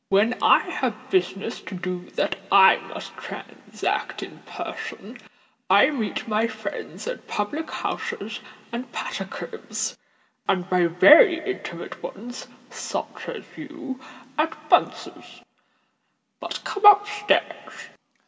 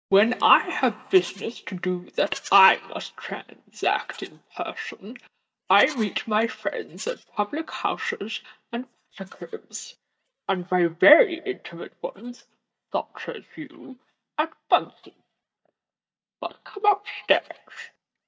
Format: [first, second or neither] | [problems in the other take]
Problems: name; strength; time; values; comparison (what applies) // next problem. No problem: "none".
first | noise reduction (neural mask model DeepFilterNet 3)